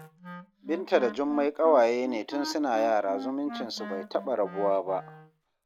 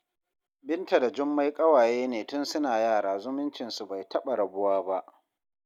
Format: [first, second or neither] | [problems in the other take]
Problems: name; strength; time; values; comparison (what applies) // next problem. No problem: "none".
second | background sound (Wind instrument, woodwind instrument); 13 dB below the speech